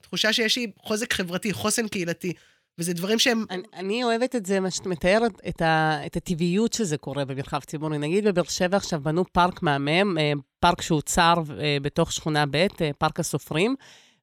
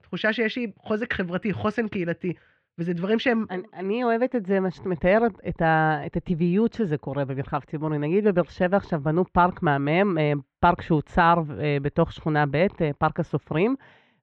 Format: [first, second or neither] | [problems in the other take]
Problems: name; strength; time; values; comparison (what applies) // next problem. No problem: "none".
first | muffled; very; fading above 2 kHz